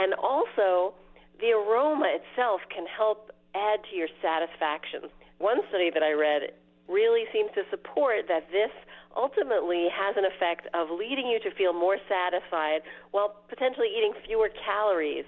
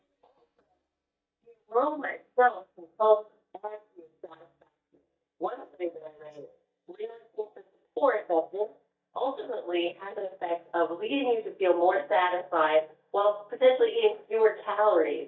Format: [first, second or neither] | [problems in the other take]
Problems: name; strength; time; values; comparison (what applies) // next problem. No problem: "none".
first | noise reduction (neural mask model DeepFilterNet 3)